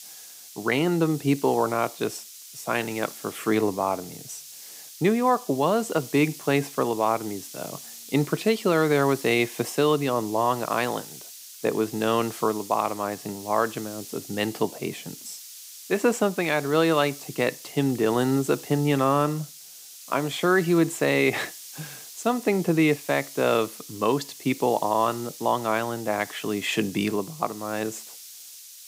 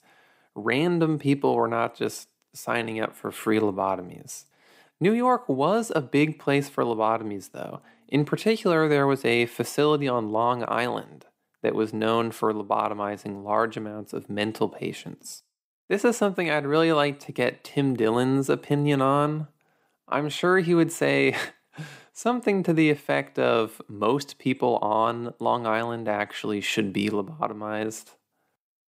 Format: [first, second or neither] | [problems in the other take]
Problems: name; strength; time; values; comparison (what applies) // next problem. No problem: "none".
second | hiss; noticeable; throughout; 15 dB below the speech